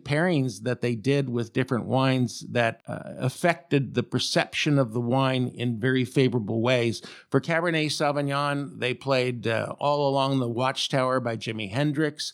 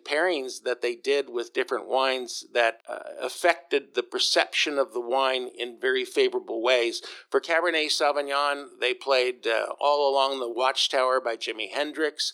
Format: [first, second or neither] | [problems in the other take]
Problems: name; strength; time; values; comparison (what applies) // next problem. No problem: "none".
first | thin; very; fading below 350 Hz